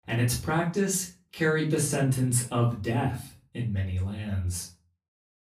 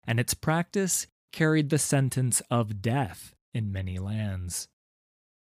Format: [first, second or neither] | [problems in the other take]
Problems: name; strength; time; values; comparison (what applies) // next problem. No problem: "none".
second | off-mic speech; far // room echo; slight; dies away in 0.3 s